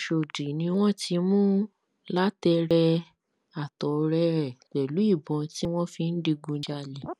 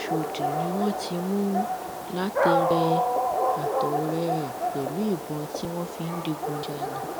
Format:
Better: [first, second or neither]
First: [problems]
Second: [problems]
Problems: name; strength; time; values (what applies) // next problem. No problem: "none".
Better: first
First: none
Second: background sound (Dog); 2 dB above the speech